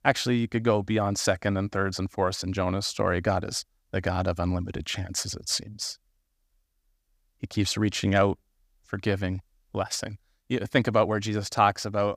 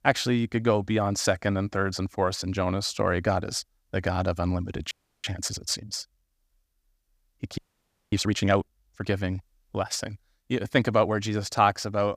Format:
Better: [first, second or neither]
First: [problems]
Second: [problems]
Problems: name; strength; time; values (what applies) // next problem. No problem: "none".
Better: first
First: none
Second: audio freezing; at 5 s and at 7.5 s for 0.5 s